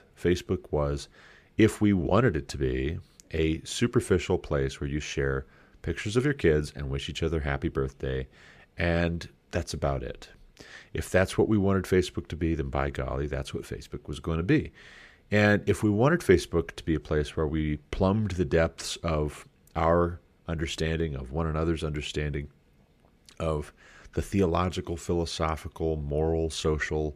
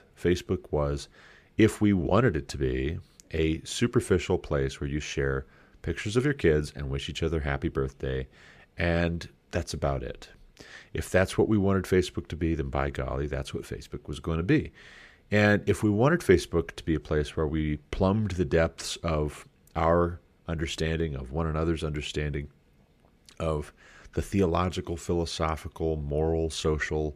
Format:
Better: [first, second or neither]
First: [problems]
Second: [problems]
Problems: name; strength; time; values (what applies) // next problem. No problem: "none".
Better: neither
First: none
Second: none